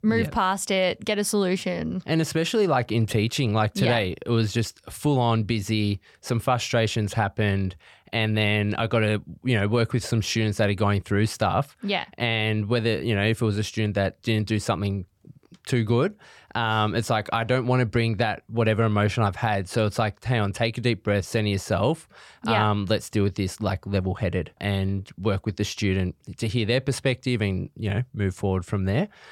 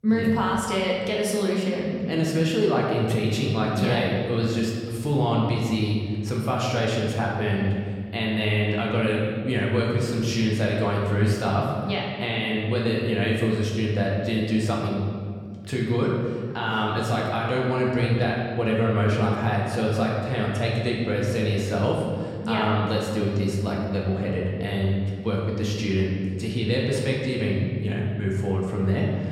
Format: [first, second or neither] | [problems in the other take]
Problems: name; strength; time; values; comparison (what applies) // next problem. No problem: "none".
first | room echo; noticeable; dies away in 1.8 s // off-mic speech; far